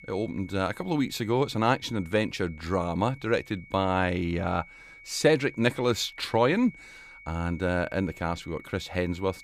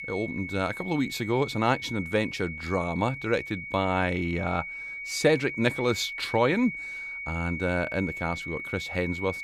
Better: first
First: high-pitched whine; faint; throughout; 2 kHz, 20 dB below the speech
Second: high-pitched whine; loud; throughout; 2 kHz, 7 dB below the speech

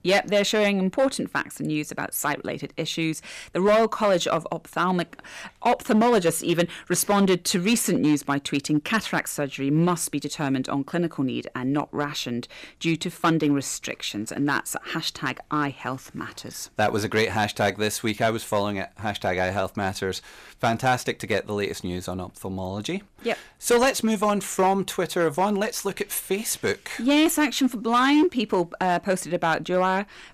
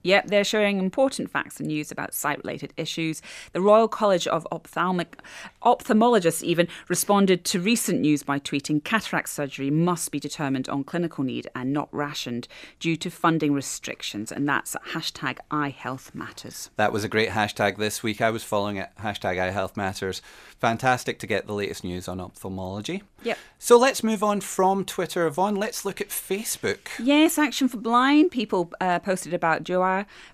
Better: second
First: distortion; slight; 4% of the sound clipped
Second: none

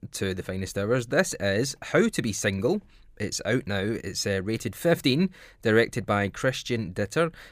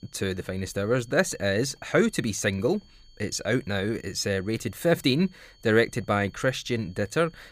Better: first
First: none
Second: high-pitched whine; faint; throughout; 4.5 kHz, 30 dB below the speech

